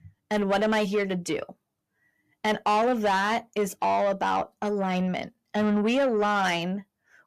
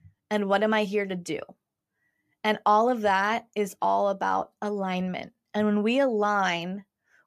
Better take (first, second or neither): second